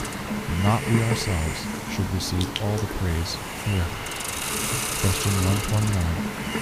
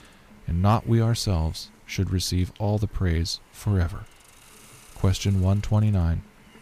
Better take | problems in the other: second | hiss; loud; throughout; 2 dB below the speech; faint in the second

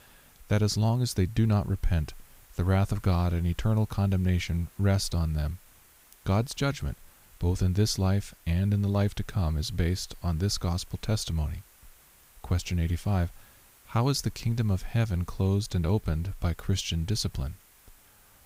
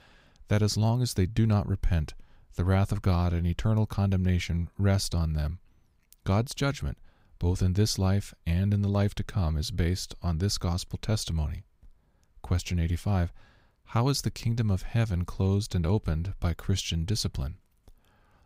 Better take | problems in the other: second | hiss; faint; throughout; 25 dB below the speech

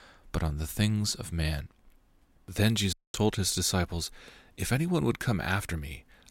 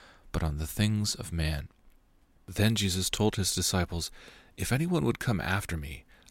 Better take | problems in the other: second | audio cutting out; at 3 s

